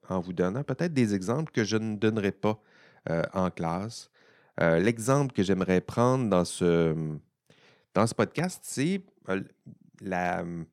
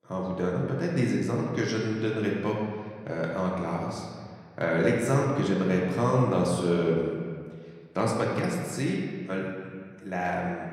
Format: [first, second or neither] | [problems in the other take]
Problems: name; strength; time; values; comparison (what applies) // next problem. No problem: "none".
first | room echo; noticeable; dies away in 1.7 s // off-mic speech; far